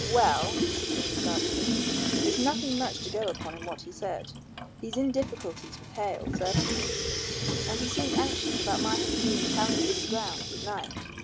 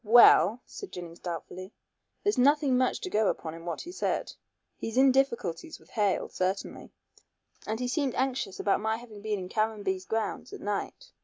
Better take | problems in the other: second | background sound (Sink (filling or washing) / Water tap, faucet); 2 dB above the speech

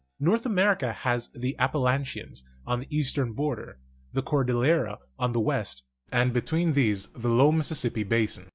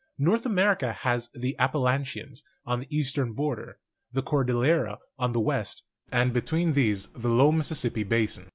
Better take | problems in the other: second | noise reduction (neural mask model DeepFilterNet 3)

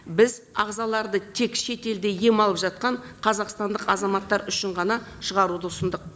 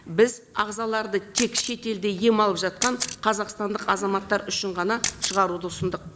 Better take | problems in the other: first | background sound (Camera); 8 dB below the speech

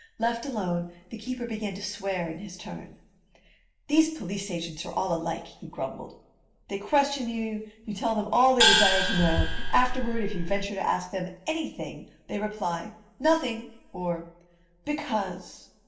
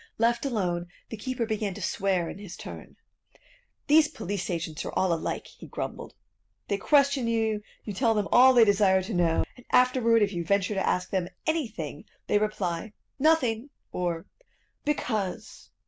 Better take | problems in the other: second | background sound (Gong); 5 dB above the speech // room echo; dies away in 0.9 s

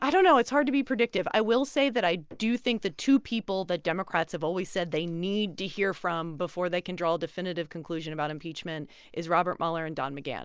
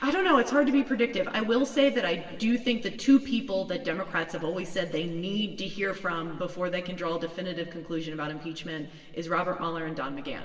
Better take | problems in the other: first | room echo; dies away in 1.9 s

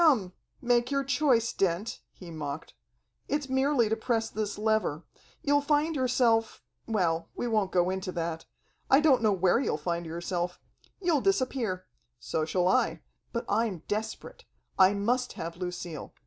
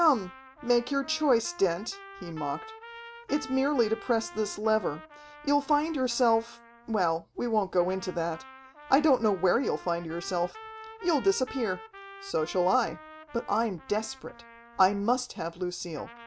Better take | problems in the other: first | background sound (Trumpet); 18 dB below the speech

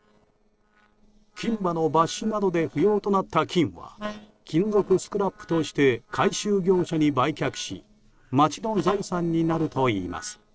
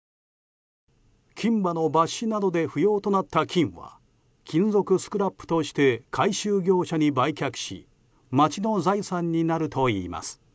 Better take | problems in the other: second | noise reduction (neural separator model SepFormer DNS4)

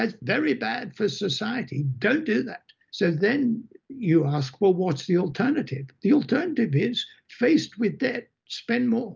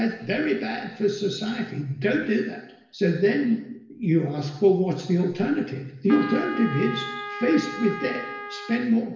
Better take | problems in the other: first | background sound (Trumpet); 10 dB below the speech // room echo; dies away in 0.9 s

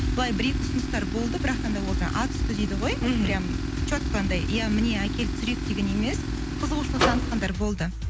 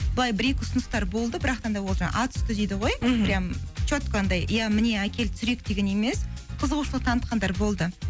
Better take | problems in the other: second | background sound (Tools + Microwave oven); 2 dB below the speech

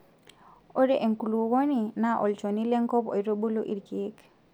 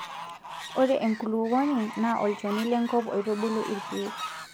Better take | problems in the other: first | background sound (Fowl); 11 dB below the speech

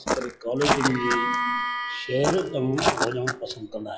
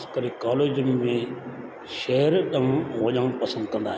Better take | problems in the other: second | noise reduction (classical method log-MMSE)

